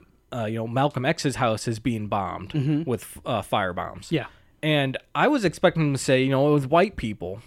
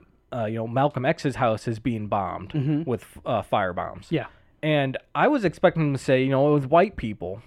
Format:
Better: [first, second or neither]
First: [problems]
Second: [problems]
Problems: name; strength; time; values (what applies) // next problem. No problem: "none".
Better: first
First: none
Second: muffled; slightly; fading above 3.5 kHz